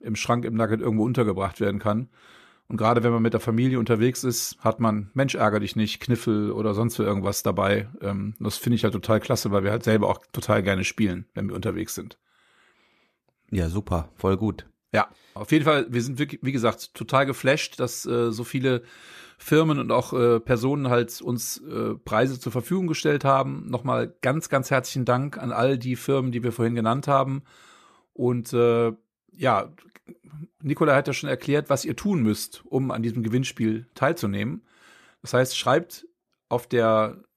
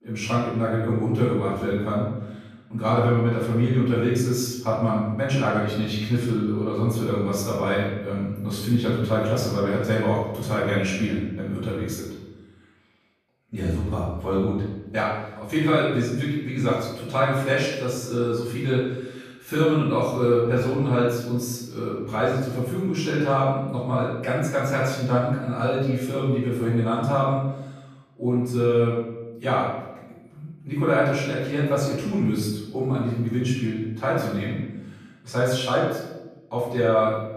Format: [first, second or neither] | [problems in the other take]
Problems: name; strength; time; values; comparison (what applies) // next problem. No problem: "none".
first | room echo; noticeable; dies away in 0.9 s // off-mic speech; far